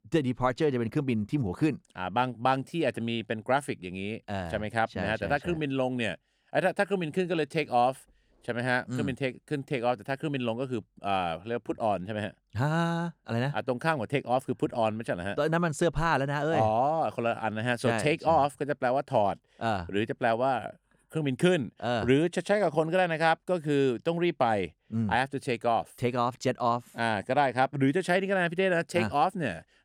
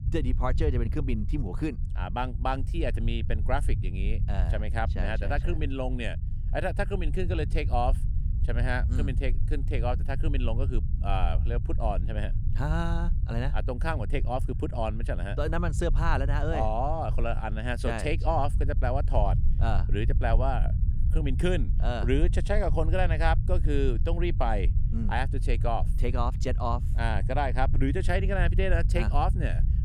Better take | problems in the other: first | low rumble; noticeable; throughout; 15 dB below the speech

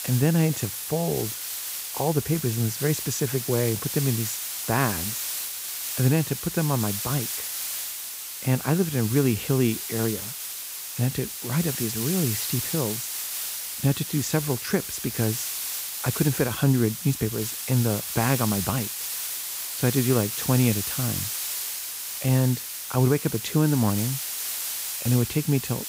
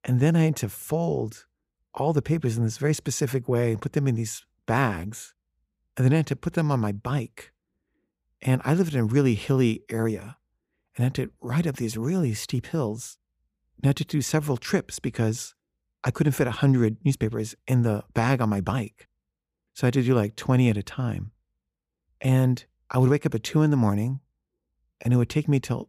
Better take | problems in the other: second | hiss; loud; throughout; 4 dB below the speech

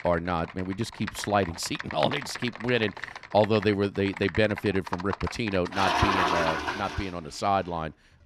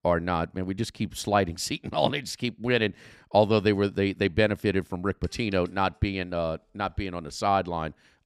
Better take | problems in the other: second | household noises; loud; throughout; 4 dB below the speech

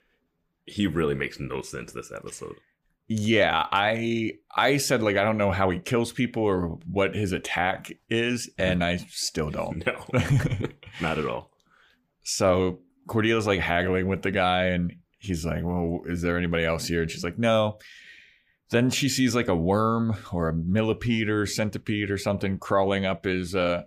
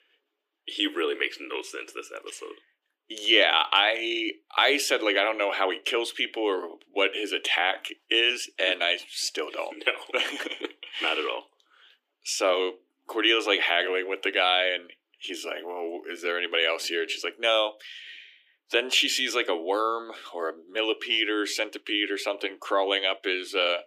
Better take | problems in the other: first | thin; very; fading below 300 Hz

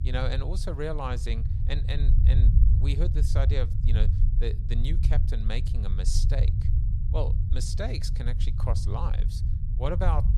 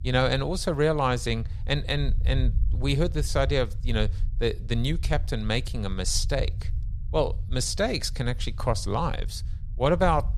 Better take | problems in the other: second | low rumble; loud; throughout; 7 dB below the speech; faint in the second

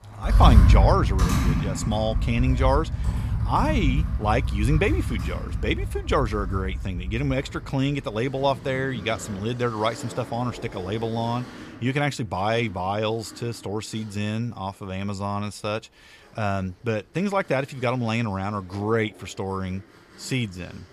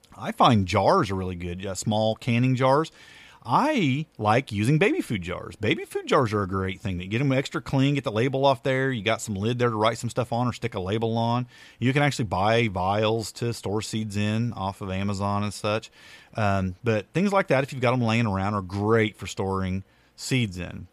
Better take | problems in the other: second | household noises; very loud; throughout; 1 dB above the speech

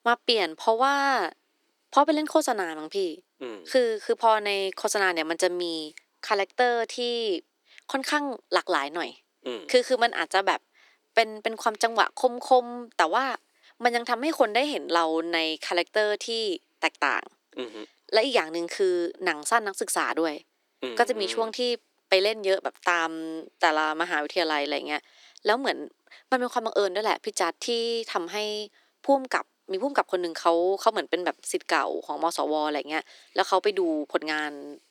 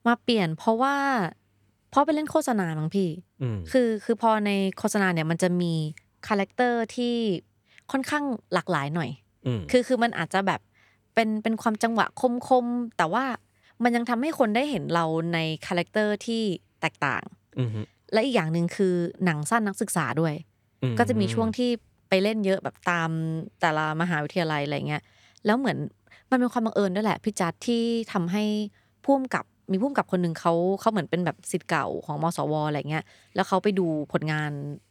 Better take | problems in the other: second | thin; somewhat; fading below 300 Hz

